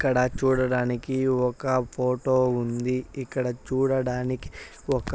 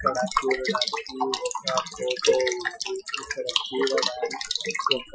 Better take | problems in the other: first | noise reduction (classical method Wiener filter)

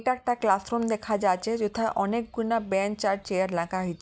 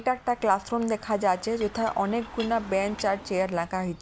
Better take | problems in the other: first | background sound (Chink, clink + Engine / Car); 18 dB below the speech

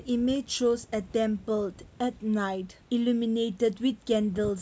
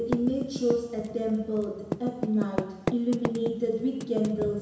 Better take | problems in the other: first | background sound (Typing); 7 dB below the speech // room echo; dies away in 1 s

